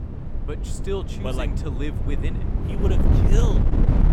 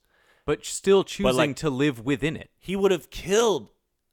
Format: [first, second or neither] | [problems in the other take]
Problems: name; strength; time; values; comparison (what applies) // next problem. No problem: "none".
second | wind noise on the microphone; heavy; 1 dB below the speech